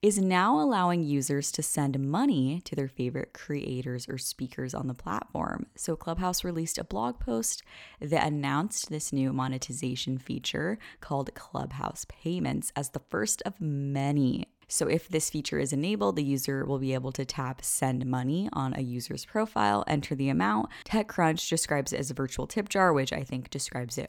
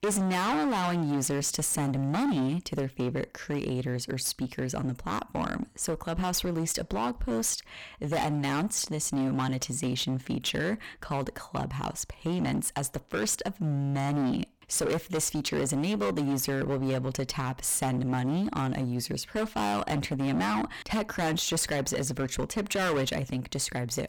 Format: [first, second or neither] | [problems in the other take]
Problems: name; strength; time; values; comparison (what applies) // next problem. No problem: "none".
first | distortion; heavy; 19% of the sound clipped